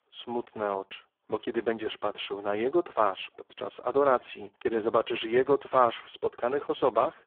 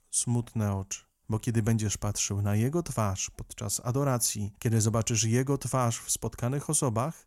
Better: second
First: phone-call audio; poor line; nothing above 3.5 kHz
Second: none

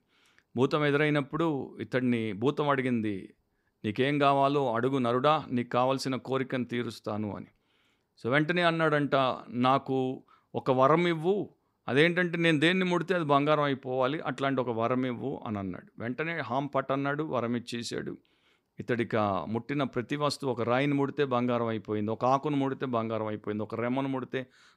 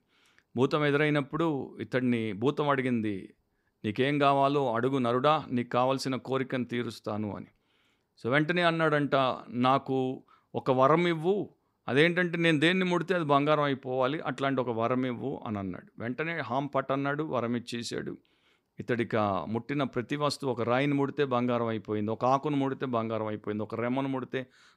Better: neither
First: none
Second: none

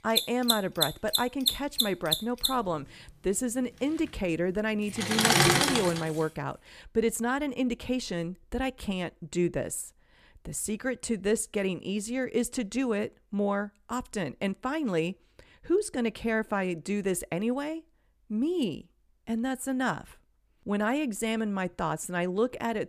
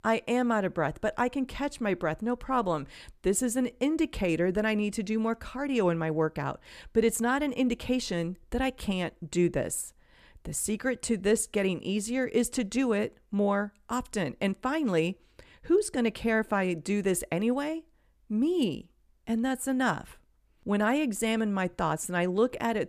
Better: second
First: machinery noise; very faint; until 6 s; 4 dB above the speech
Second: none

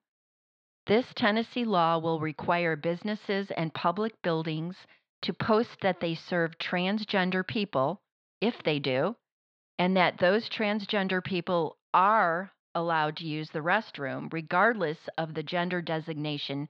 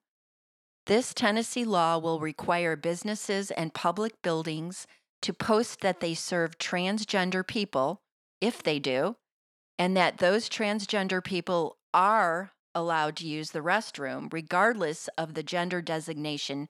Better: second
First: muffled; very slightly; fading above 4 kHz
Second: none

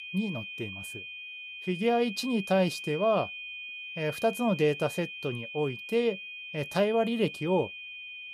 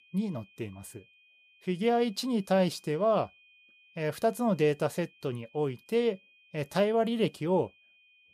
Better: second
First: high-pitched whine; loud; throughout; 2.5 kHz, 9 dB below the speech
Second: high-pitched whine; faint; throughout; 2.5 kHz, 30 dB below the speech

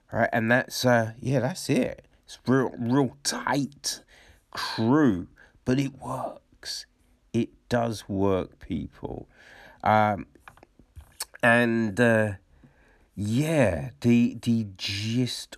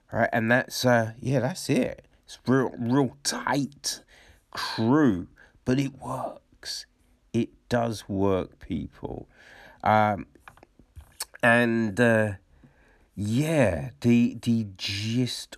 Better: neither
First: none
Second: none

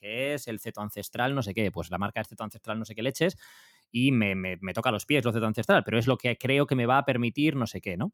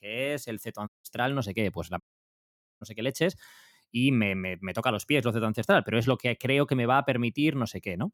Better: first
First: none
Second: audio cutting out; at 1 s and at 2 s for 1 s

